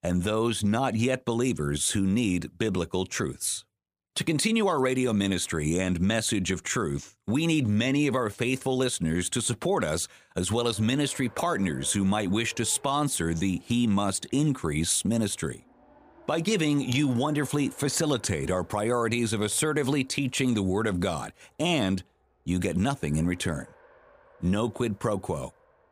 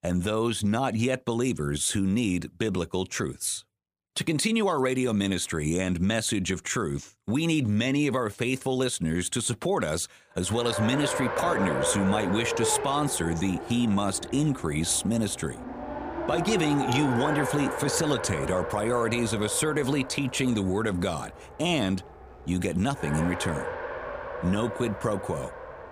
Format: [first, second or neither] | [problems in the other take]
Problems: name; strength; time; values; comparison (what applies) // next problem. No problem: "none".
first | traffic noise; loud; from 11 s on; 6 dB below the speech; faint in the first